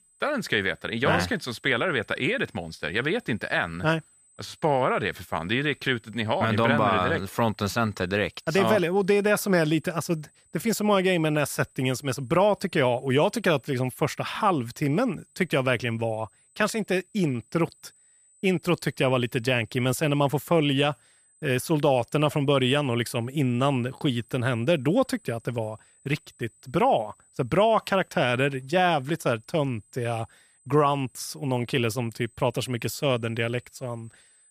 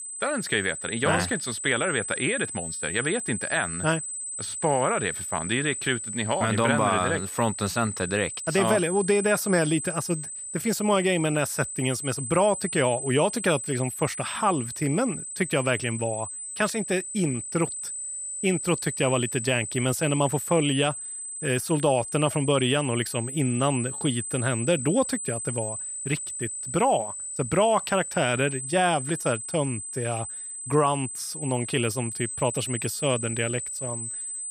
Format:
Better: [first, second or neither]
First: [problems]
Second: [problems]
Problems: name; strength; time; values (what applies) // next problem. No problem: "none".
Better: first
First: high-pitched whine; faint; throughout; 8 kHz, 30 dB below the speech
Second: high-pitched whine; loud; throughout; 8 kHz, 6 dB below the speech